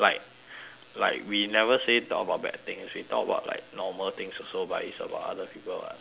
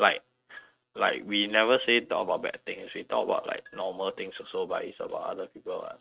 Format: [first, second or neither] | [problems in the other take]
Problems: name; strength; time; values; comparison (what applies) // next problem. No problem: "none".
first | noise reduction (neural mask model RNNoise)